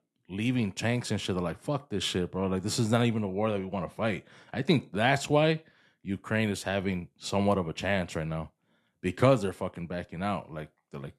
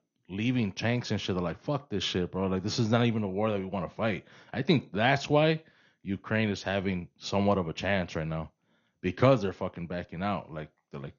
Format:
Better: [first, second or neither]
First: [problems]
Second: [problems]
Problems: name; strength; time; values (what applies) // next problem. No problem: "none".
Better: first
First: none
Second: garbled, watery; slightly; nothing above 6.5 kHz